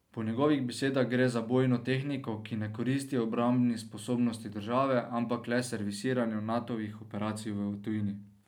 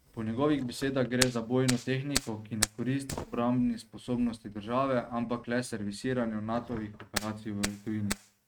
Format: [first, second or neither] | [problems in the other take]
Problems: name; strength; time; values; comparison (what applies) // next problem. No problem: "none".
first | noise reduction (neural mask model RNNoise)